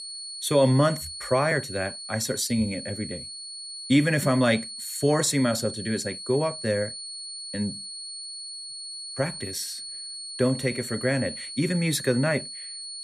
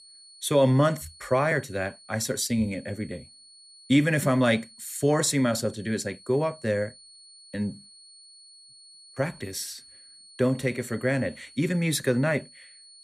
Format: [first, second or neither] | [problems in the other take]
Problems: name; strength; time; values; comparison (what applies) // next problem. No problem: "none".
second | high-pitched whine; loud; throughout; 4.5 kHz, 9 dB below the speech; faint in the second